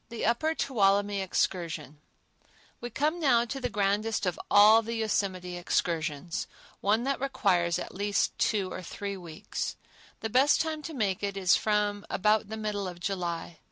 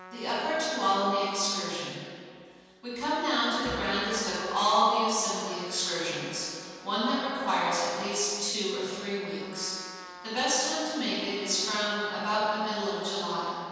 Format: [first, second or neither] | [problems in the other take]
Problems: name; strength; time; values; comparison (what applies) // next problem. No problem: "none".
first | background sound (Trumpet); 19 dB below the speech // room echo; dies away in 2.1 s